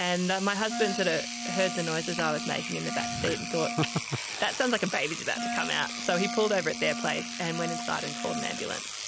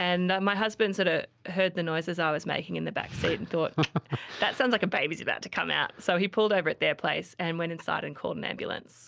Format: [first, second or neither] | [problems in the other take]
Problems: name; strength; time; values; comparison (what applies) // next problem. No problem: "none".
second | background sound (Engine / Domestic sounds, home sounds + Wind instrument, woodwind instrument); 5 dB below the speech